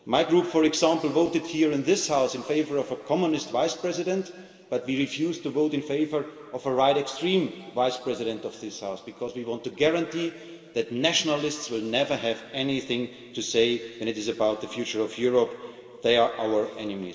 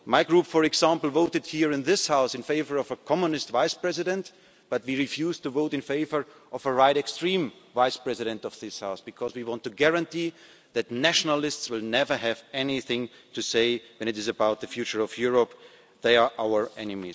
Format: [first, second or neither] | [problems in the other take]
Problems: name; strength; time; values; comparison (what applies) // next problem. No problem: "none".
second | room echo; dies away in 2.3 s